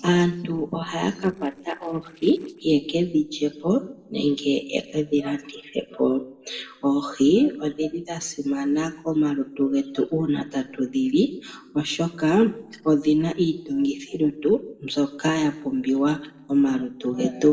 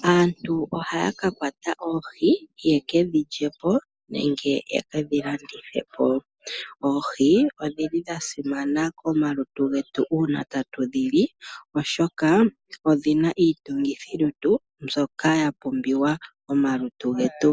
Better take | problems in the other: second | noise reduction (neural separator model SepFormer DNS4)

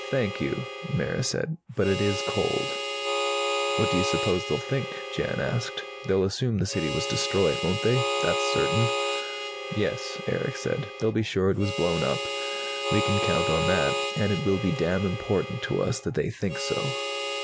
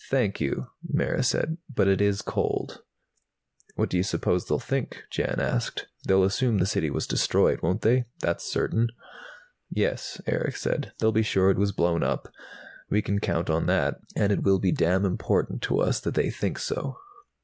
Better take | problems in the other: second | background sound (Harmonica); 3 dB below the speech

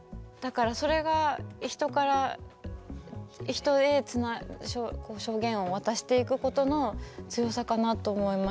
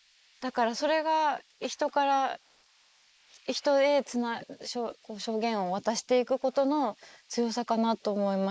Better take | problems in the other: first | noise reduction (neural mask model Resemble Enhance denoiser)

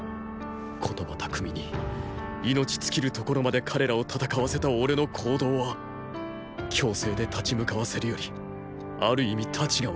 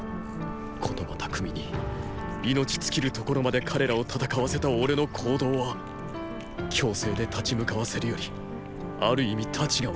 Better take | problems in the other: first | background sound (Musical instrument + Cat); 11 dB below the speech

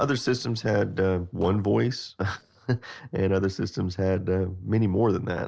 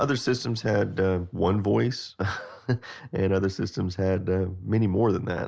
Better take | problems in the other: second | noise reduction (neural separator model SepFormer DNS4)

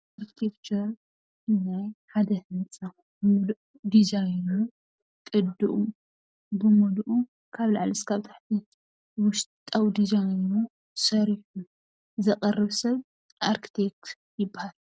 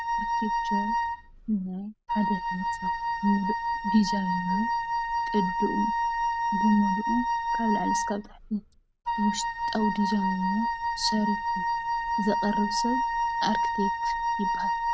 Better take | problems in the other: first | background sound (Wind instrument, woodwind instrument); 2 dB above the speech

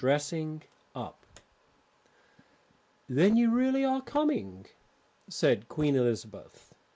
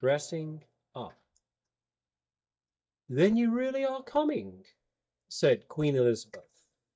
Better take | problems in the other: first | noise reduction (neural mask model DeepFilterNet 3)

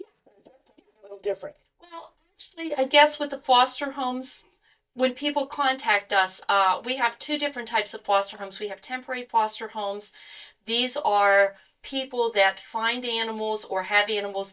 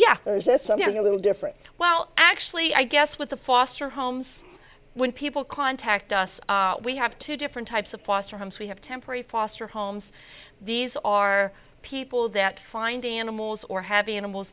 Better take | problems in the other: second | noise reduction (neural mask model DeepFilterNet 3)

